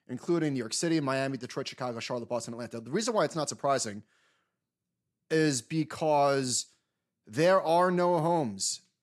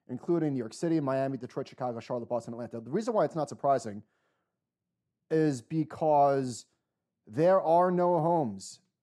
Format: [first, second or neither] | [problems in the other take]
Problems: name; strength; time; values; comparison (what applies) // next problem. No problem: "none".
first | muffled; slightly; fading above 1.5 kHz